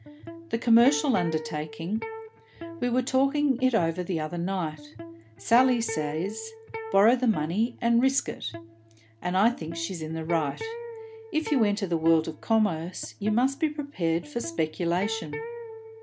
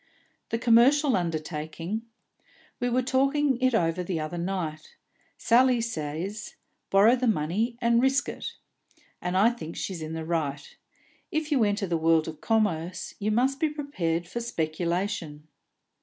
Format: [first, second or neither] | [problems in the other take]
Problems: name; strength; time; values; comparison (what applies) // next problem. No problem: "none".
second | background sound (Electric guitar); 13 dB below the speech